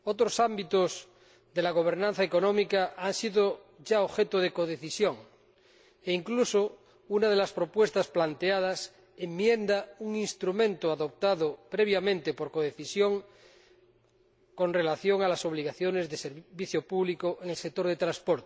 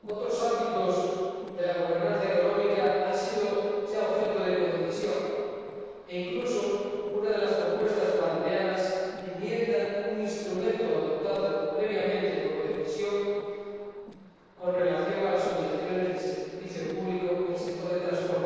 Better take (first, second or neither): first